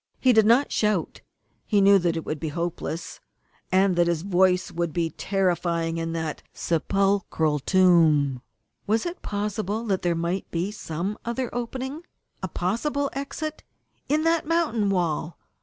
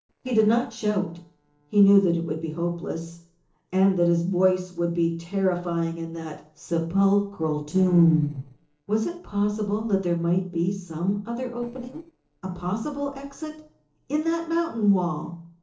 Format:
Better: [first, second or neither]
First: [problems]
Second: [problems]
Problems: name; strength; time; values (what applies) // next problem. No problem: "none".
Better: first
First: none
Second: noise reduction (neural separator model SepFormer DNS4)